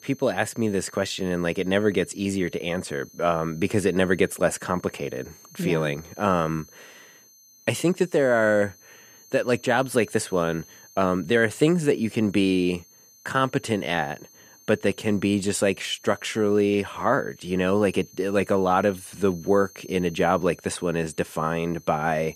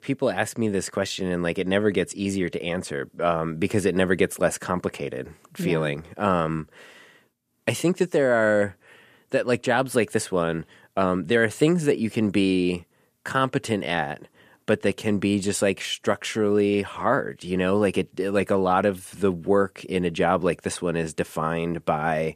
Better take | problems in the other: second | high-pitched whine; faint; throughout; 6.5 kHz, 25 dB below the speech

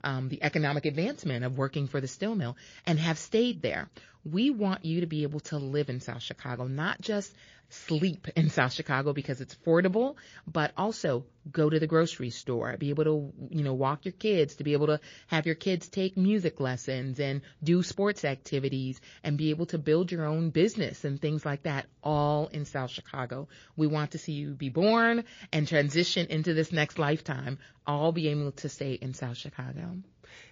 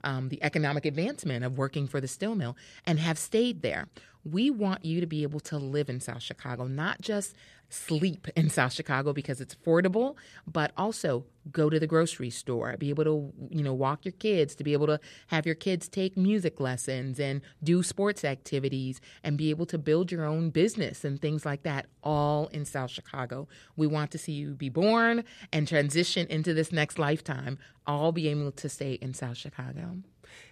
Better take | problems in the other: second | garbled, watery; slightly

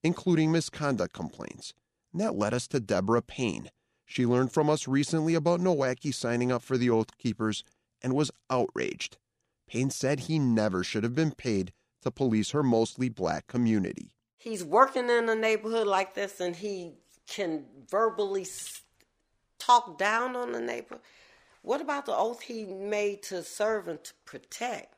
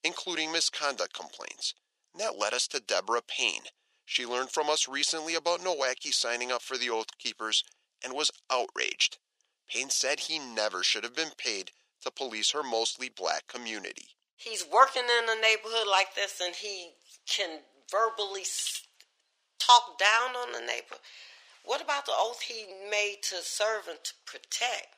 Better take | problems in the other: first | thin; very; fading below 550 Hz

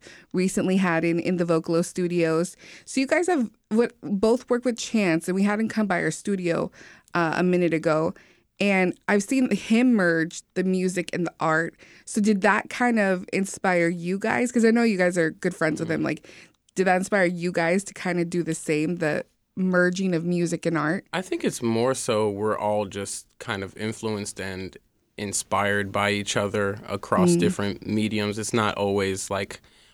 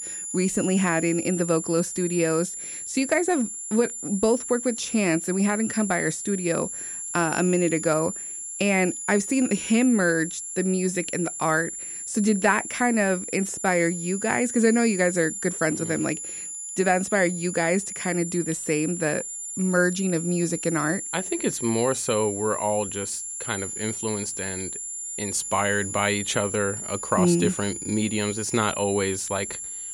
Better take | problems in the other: first | high-pitched whine; loud; throughout; 7.5 kHz, 6 dB below the speech

